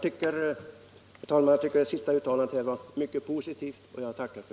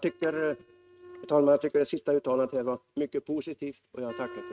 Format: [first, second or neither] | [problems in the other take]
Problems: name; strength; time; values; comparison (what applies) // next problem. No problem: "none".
first | noise reduction (neural mask model RNNoise)